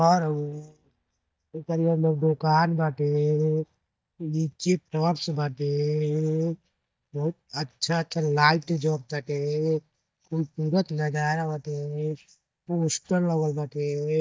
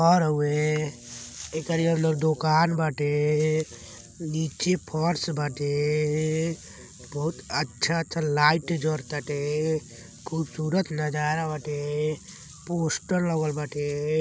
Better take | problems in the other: second | noise reduction (neural mask model DeepFilterNet 3)

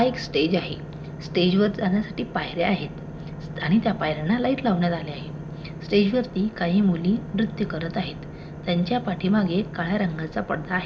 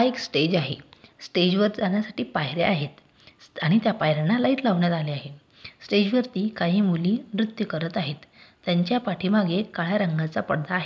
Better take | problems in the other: second | background sound (Engine / Boat, Water vehicle); 11 dB below the speech // room echo; dies away in 0.3 s

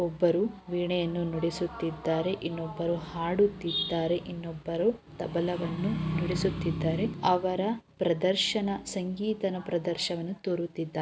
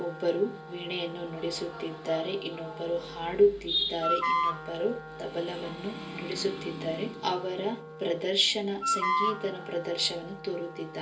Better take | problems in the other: first | background sound (Wind instrument, woodwind instrument); 5 dB below the speech // room echo; dies away in 0.3 s

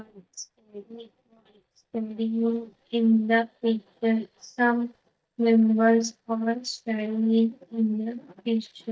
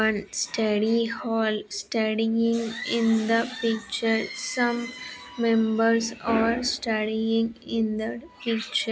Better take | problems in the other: second | noise reduction (neural mask model DeepFilterNet 3)

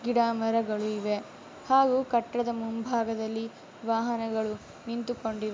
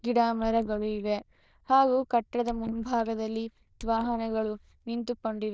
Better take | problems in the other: first | noise reduction (neural diffusion model UNIVERSE++)

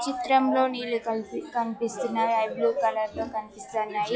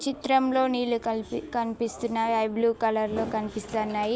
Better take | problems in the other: second | noise reduction (classical method log-MMSE)

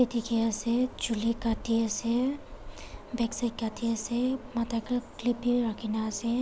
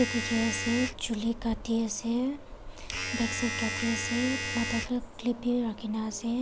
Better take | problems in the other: first | background sound (Domestic sounds, home sounds); 6 dB below the speech

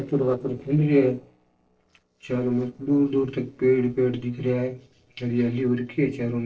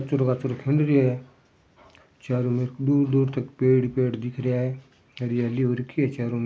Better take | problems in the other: second | noise reduction (neural separator model SepFormer DNS4)

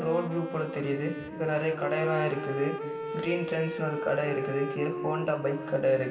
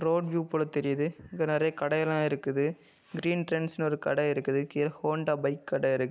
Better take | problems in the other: second | background sound (Wind instrument, woodwind instrument); 6 dB below the speech // room echo; dies away in 2.5 s

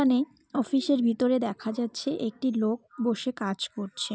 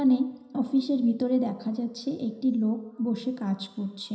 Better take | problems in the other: first | room echo; dies away in 0.9 s

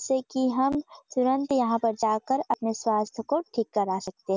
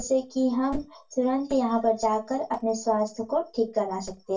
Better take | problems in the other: first | room echo; dies away in 0.2 s

